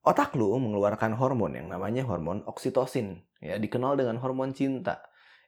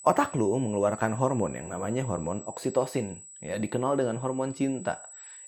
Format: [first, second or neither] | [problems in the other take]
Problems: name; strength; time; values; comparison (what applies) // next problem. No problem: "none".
first | high-pitched whine; noticeable; throughout; 8 kHz, 15 dB below the speech